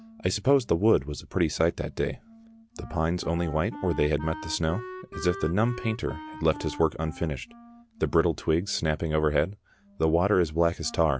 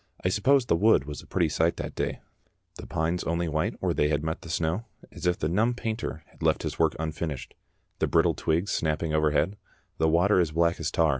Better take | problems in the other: second | background sound (Wind instrument, woodwind instrument); 17 dB below the speech

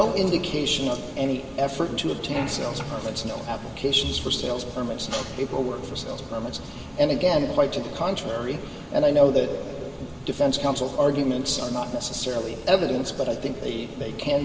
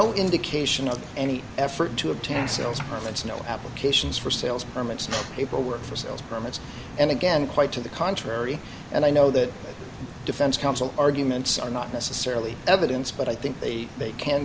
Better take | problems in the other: second | room echo; dies away in 2.8 s

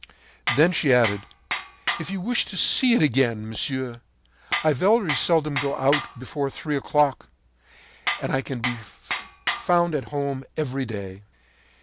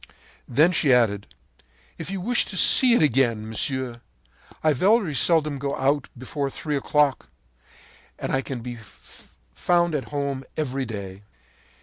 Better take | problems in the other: second | background sound (Tools); 6 dB below the speech

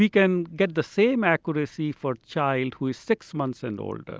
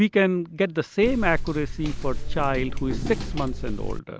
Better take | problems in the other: first | background sound (Walk, footsteps); 2 dB below the speech

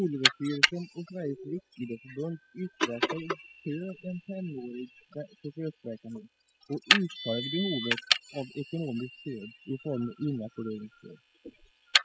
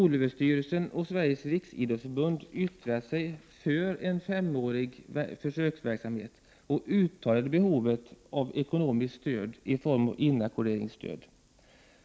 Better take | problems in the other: second | noise reduction (classical method spectral subtraction)

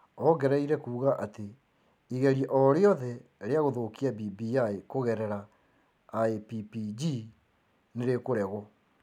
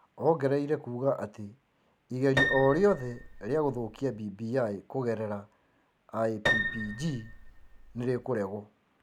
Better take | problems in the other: first | background sound (Piano); 3 dB below the speech

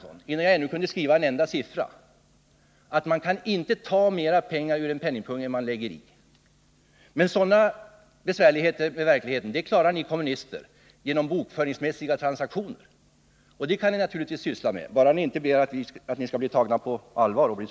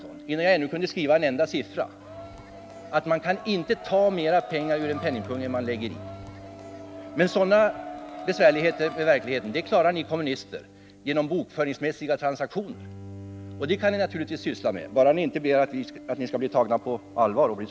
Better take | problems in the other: first | background sound (Crowd + Bowed string instrument); 15 dB below the speech

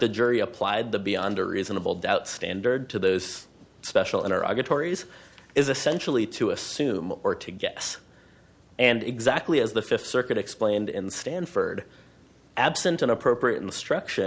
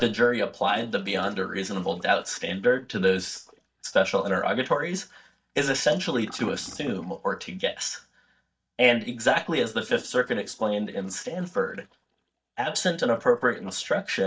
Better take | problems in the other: first | noise reduction (neural mask model DeepFilterNet 3)

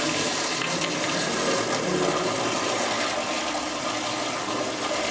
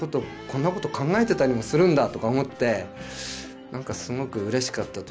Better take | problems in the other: second | background sound (Toilet flush); 4 dB above the speech // room echo; dies away in 2.2 s

